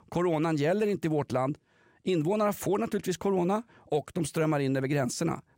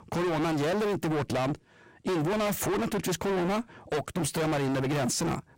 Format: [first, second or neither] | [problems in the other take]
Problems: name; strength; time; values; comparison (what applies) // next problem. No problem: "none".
first | distortion; heavy; 39% of the sound clipped